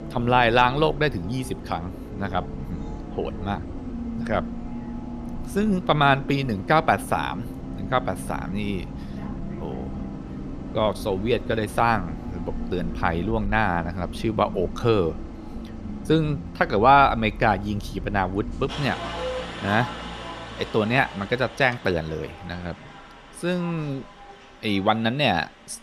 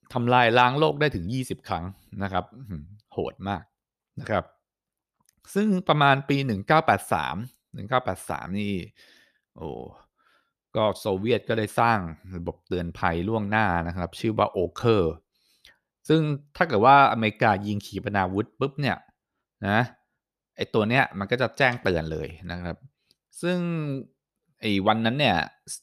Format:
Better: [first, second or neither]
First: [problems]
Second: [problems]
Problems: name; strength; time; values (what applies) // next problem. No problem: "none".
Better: second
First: traffic noise; noticeable; throughout; 10 dB below the speech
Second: none